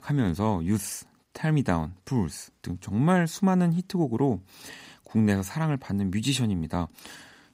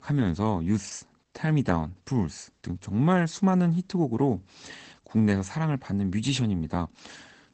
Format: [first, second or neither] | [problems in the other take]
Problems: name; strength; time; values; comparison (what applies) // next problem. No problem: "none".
first | garbled, watery; badly; nothing above 8 kHz